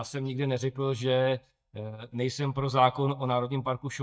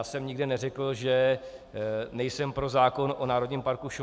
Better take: second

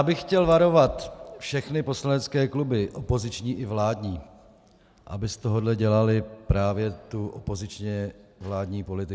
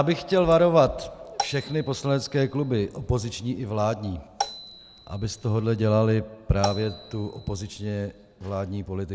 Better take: first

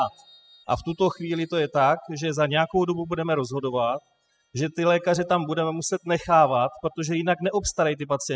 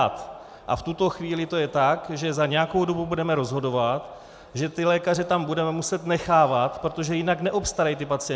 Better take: second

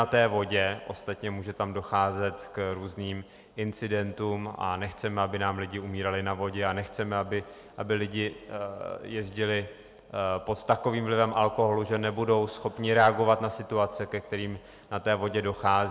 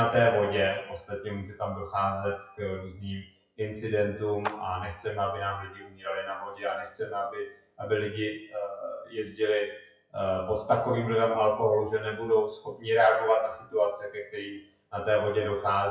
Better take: first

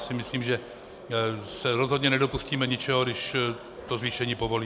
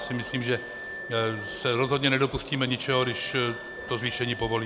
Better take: first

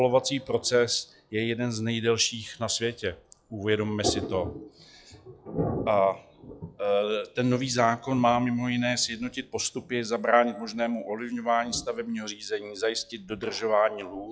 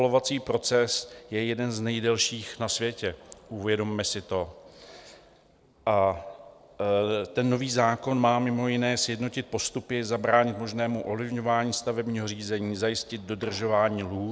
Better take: second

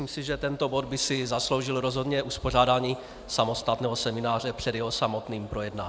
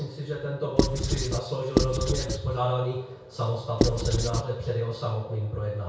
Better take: first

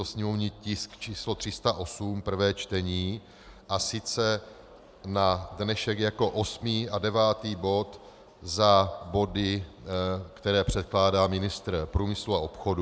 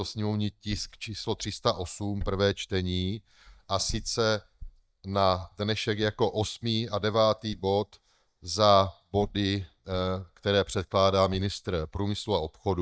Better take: first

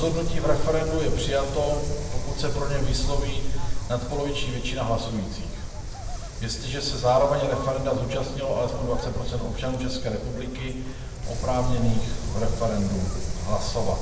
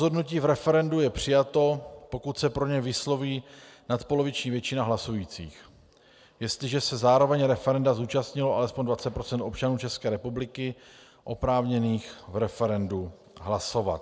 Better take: second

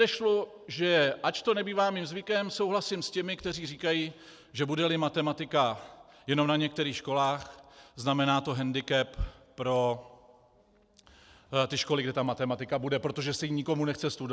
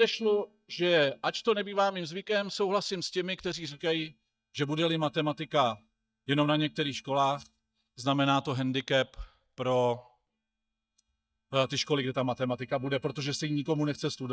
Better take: first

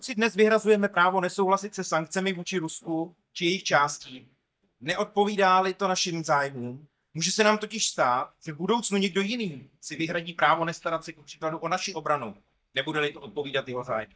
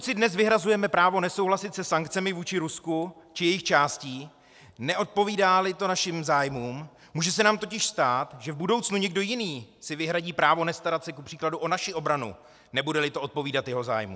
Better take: second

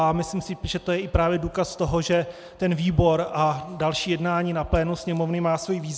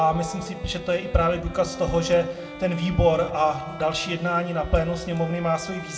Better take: first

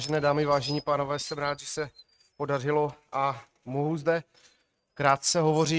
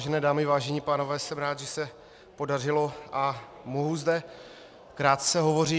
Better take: second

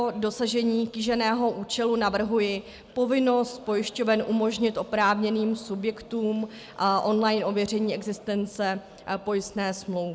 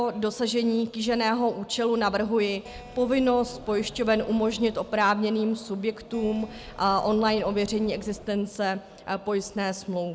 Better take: first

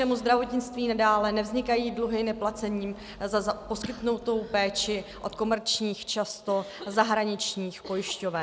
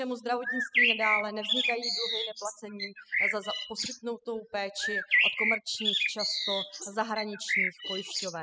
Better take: first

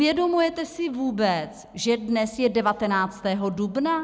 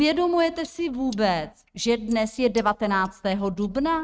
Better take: first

